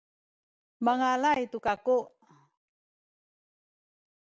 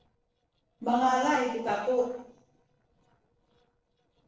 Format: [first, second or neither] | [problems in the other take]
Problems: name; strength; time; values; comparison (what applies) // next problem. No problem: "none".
first | noise reduction (neural separator model SepFormer DNS4)